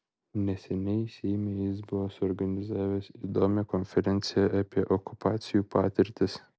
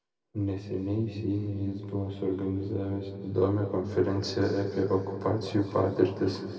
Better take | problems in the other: first | room echo; dies away in 2.1 s

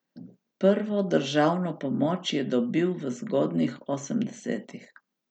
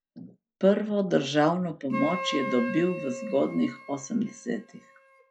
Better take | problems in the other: first | noise reduction (classical method log-MMSE)

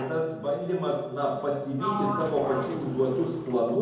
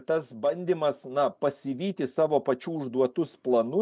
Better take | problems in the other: second | background sound (Sliding door); 9 dB below the speech // room echo; dies away in 0.9 s

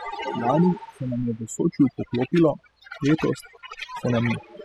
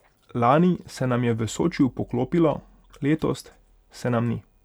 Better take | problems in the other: second | noise reduction (classical method spectral subtraction)

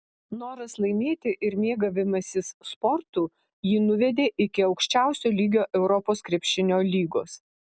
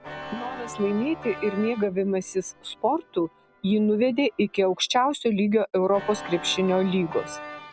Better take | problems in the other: first | background sound (Organ); 16 dB below the speech

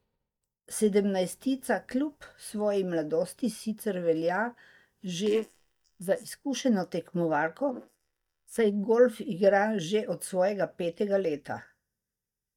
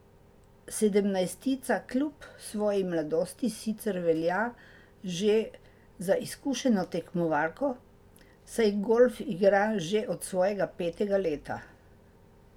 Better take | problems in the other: second | noise reduction (neural mask model DeepFilterNet 3)

